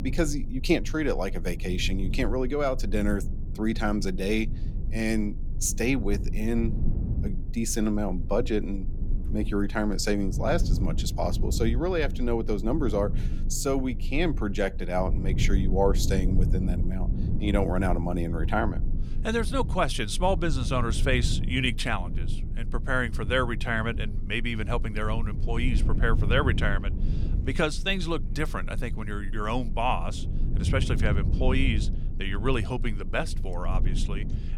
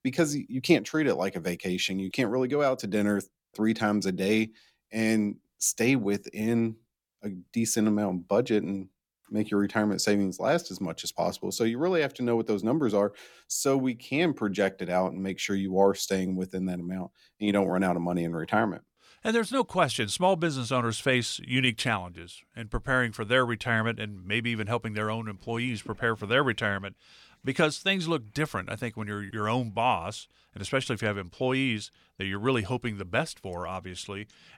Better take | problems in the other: second | low rumble; noticeable; throughout; 15 dB below the speech

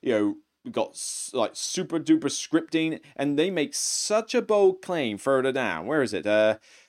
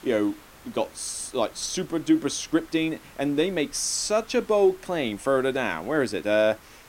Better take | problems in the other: first | hiss; faint; throughout; 25 dB below the speech

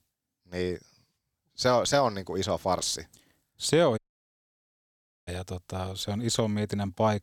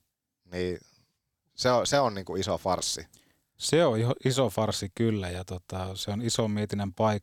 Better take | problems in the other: second | audio cutting out; at 4 s for 1.5 s

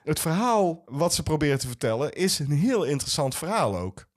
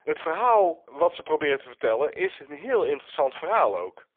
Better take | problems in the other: first | phone-call audio; poor line; nothing above 3.5 kHz

